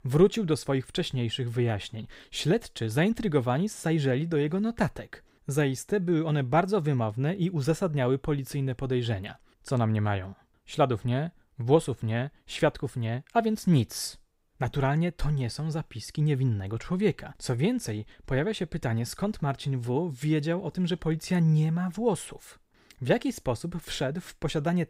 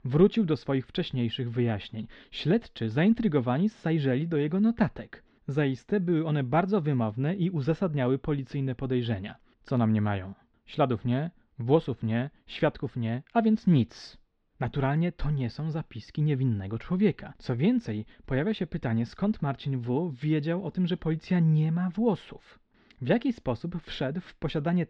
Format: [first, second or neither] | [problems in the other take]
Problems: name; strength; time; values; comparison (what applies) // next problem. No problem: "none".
first | muffled; slightly; fading above 4 kHz